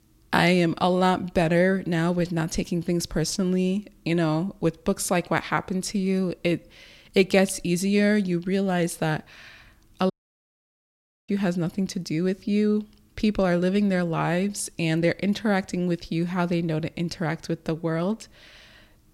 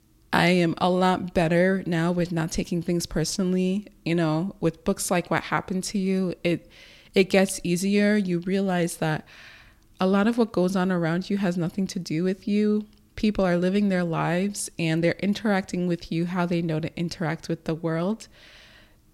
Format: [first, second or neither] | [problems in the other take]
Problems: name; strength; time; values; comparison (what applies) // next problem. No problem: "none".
second | audio cutting out; at 10 s for 1 s